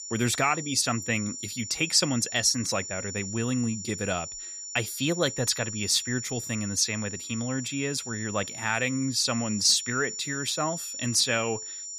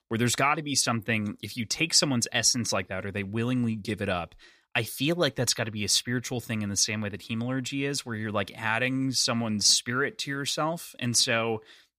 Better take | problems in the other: second | high-pitched whine; loud; throughout; 7 kHz, 8 dB below the speech

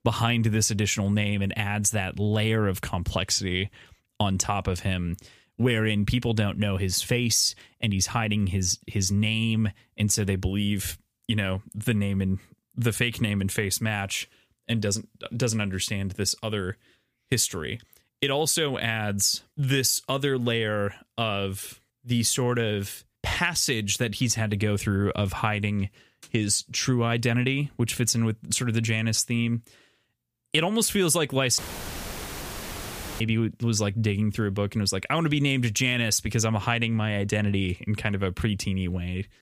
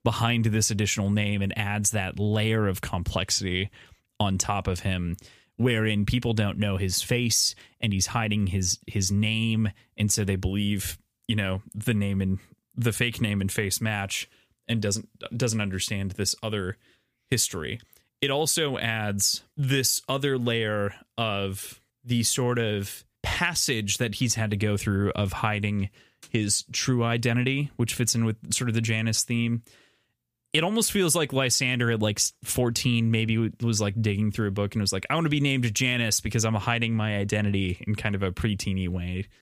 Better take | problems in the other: second | audio cutting out; filled with static; at 32 s for 1.5 s

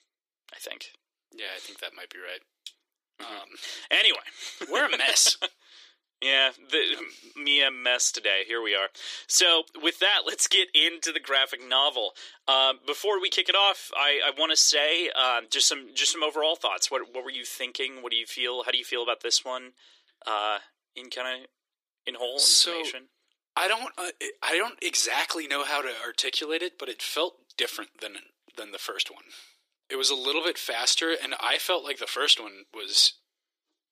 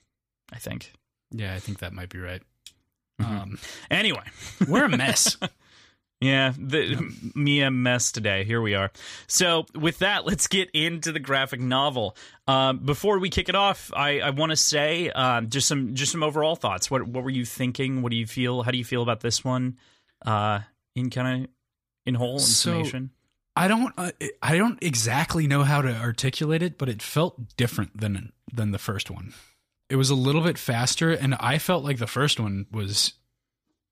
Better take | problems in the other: second | thin; very; fading below 350 Hz

